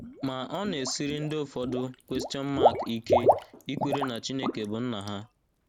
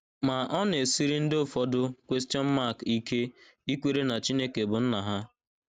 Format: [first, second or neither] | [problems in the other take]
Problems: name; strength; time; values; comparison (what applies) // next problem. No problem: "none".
second | background sound (Water / Liquid); 3 dB above the speech